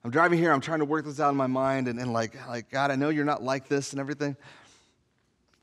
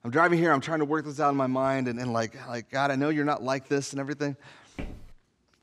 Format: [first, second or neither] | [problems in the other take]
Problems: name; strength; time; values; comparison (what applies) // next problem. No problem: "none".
first | footsteps; faint; at 5 s; peak 15 dB below the speech